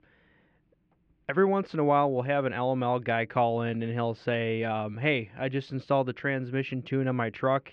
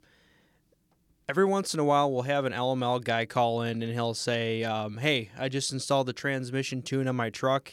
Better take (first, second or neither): second